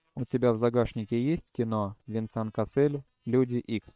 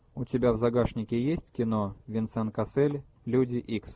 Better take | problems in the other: second | noise reduction (neural separator model SepFormer WHAM!)

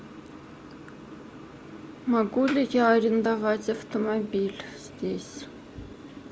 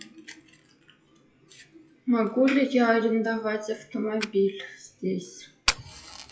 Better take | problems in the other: first | noise reduction (classical method WPE with log-MMSE)

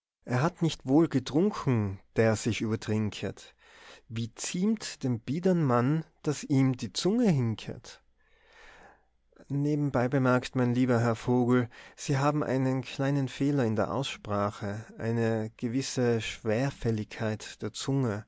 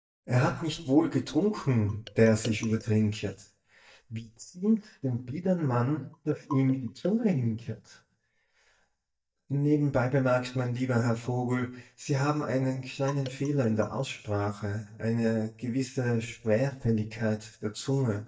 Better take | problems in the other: first | noise reduction (neural mask model DeepFilterNet 3)

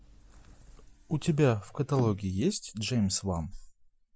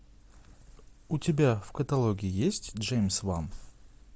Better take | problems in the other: second | noise reduction (classical method Wiener filter)

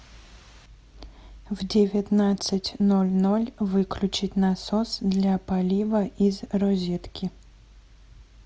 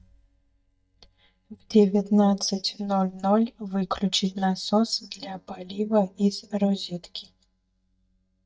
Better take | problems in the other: first | noise reduction (neural mask model DeepFilterNet 3)

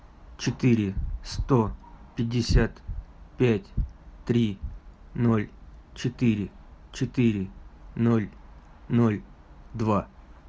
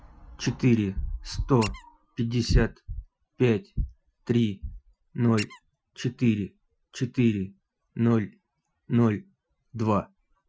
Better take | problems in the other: first | noise reduction (classical method Wiener filter)

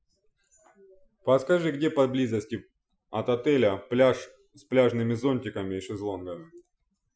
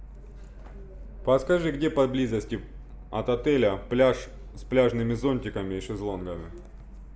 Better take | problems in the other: second | noise reduction (classical method Wiener filter)

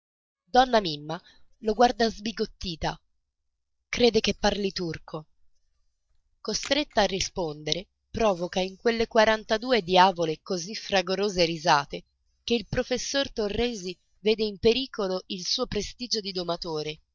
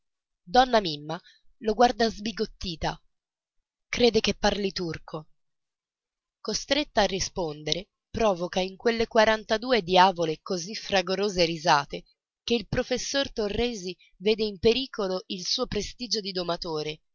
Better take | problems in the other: second | noise reduction (neural mask model DeepFilterNet 3)

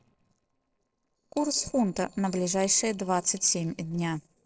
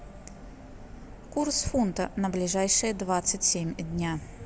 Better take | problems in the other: second | noise reduction (neural separator model SepFormer DNS4)

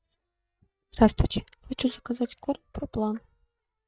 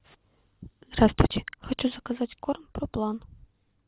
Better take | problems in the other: second | noise reduction (neural mask model DeepFilterNet 3)

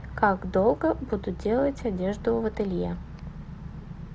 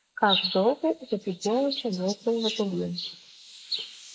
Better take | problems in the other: first | noise reduction (neural mask model Resemble Enhance denoiser)

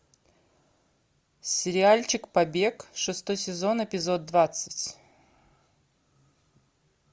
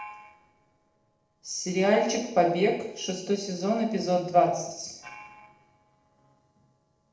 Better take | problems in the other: first | noise reduction (neural separator model SepFormer DNS4)

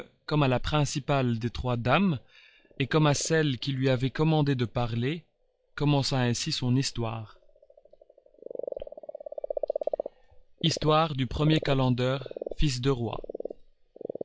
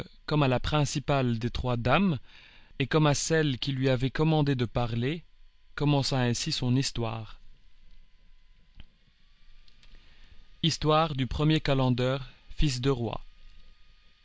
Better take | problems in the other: second | noise reduction (classical method log-MMSE)

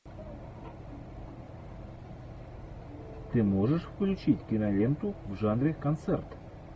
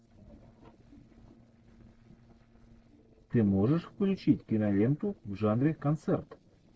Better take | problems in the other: first | noise reduction (neural separator model SepFormer DNS4)

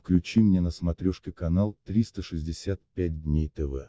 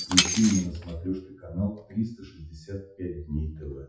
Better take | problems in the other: first | noise reduction (classical method WPE with log-MMSE)

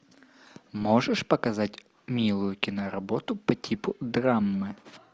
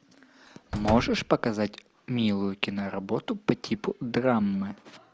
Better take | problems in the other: first | background sound (Slam); 11 dB below the speech

